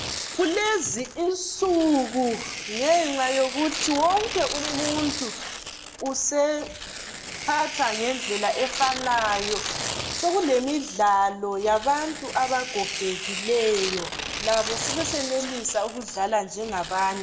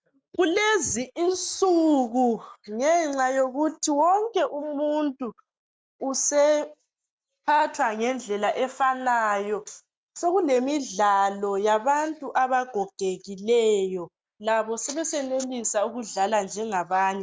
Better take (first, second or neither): second